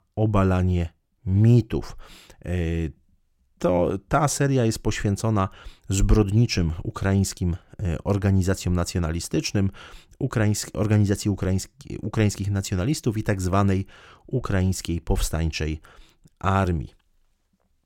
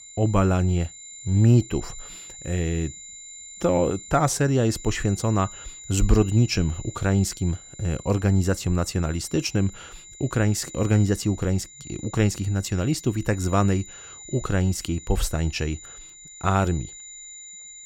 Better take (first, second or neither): first